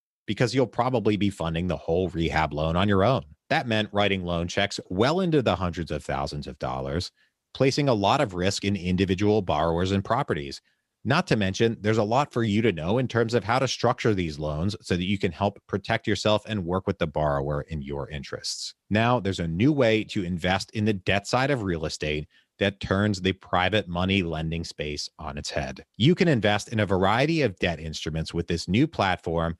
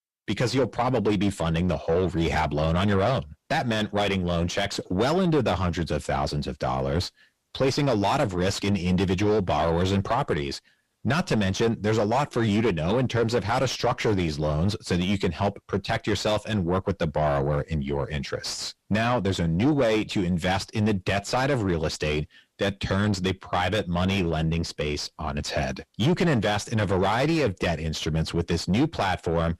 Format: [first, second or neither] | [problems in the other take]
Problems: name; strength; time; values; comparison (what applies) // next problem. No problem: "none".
first | distortion; heavy; 6 dB below the speech